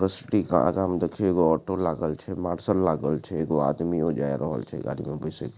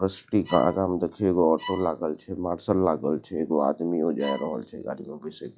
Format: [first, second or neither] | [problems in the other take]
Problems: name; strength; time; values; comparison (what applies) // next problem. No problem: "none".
first | noise reduction (classical method log-MMSE)